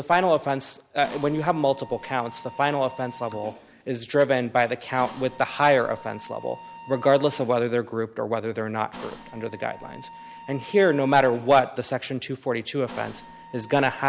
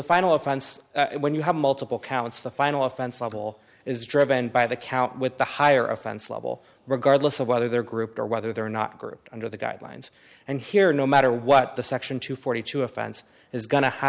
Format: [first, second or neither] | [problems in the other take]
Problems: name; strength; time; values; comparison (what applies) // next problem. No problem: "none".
second | background sound (Mechanisms); 19 dB below the speech